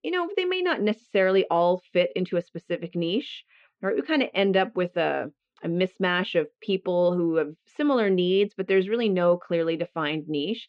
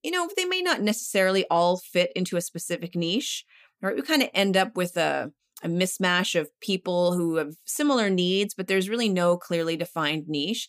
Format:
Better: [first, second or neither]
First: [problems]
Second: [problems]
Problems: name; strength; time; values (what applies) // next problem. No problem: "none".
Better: second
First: muffled; very; fading above 3 kHz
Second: none